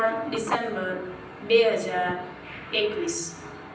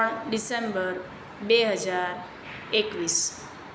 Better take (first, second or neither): second